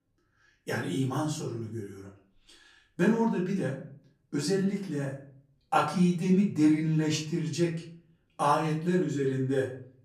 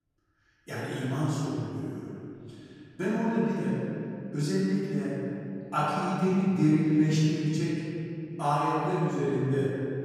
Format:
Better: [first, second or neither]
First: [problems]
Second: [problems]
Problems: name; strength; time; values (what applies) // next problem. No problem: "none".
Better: first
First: room echo; slight; dies away in 0.4 s // off-mic speech; far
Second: room echo; strong; dies away in 2.7 s // off-mic speech; far